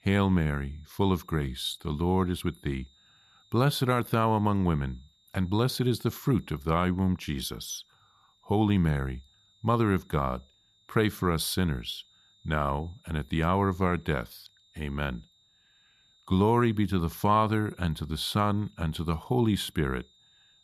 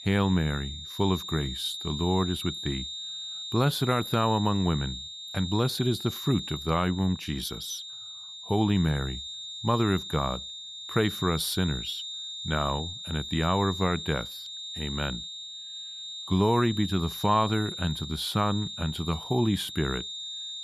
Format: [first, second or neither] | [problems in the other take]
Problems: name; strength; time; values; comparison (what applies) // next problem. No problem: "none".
first | high-pitched whine; loud; throughout; 3.5 kHz, 7 dB below the speech; faint in the first